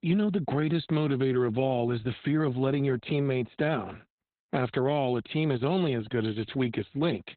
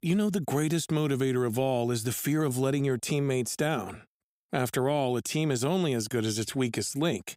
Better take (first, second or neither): second